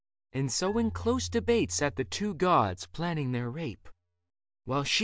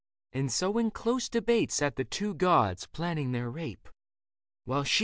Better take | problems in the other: second | background sound (Marimba, xylophone); 15 dB below the speech

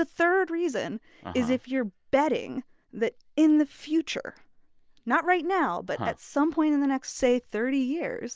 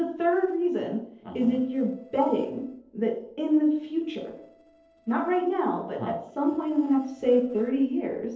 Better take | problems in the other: first | noise reduction (neural separator model SepFormer DNS4)

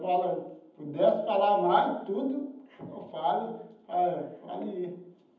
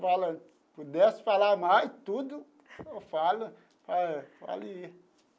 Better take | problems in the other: second | room echo; dies away in 0.8 s

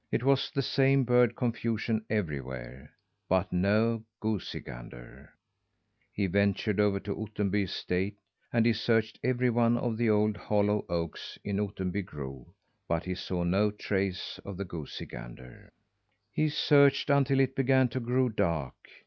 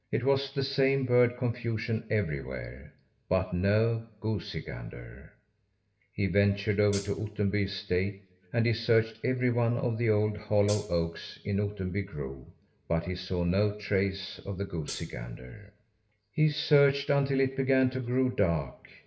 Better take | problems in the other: first | background sound (Hi-hat); 14 dB below the speech // room echo; dies away in 0.6 s

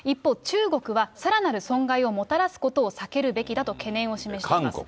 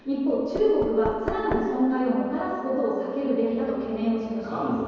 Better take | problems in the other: first | background sound (Knock / Wood); 12 dB below the speech // room echo; dies away in 2.2 s

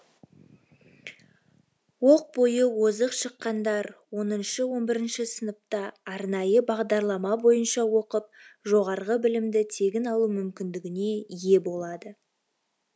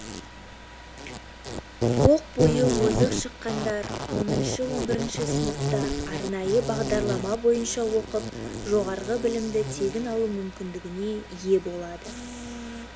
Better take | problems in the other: first | background sound (Insect); 2 dB below the speech

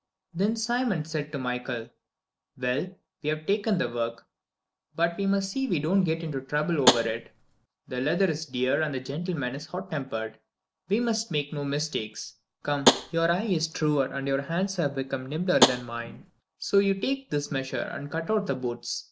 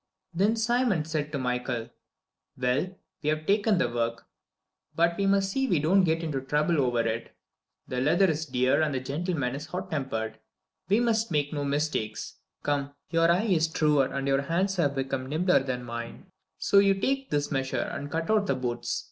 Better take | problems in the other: second | background sound (Tap); as loud as the speech

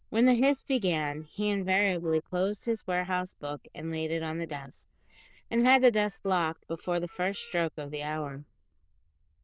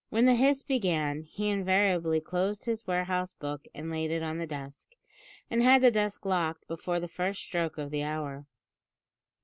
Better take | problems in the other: second | noise reduction (neural diffusion model UNIVERSE++)

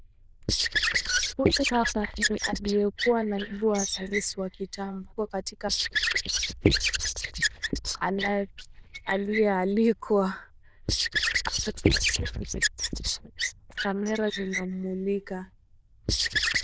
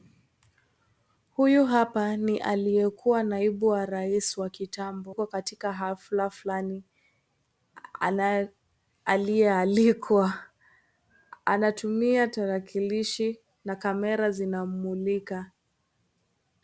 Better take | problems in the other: second | noise reduction (neural diffusion model UNIVERSE++)

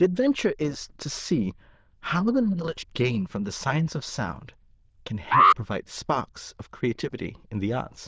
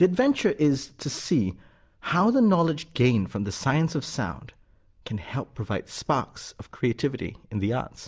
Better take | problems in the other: second | noise reduction (neural diffusion model UNIVERSE++)

